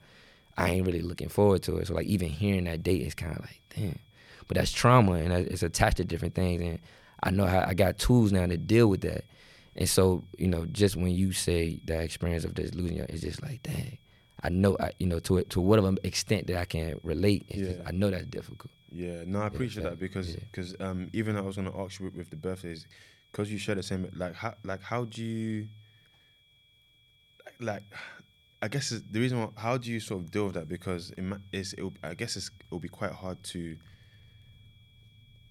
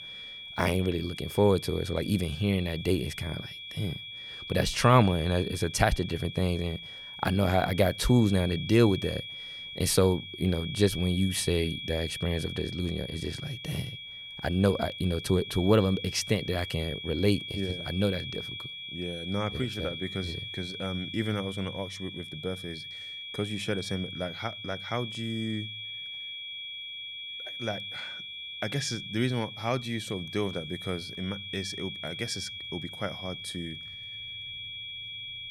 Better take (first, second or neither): first